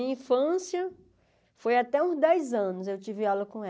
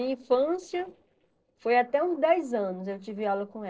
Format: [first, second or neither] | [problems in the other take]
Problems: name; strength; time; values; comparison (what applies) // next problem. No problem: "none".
first | noise reduction (neural separator model SepFormer DNS4)